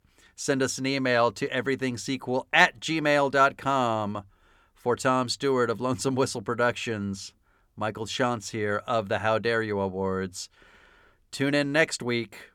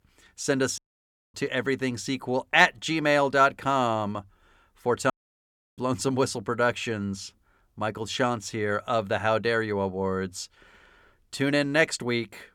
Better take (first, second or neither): first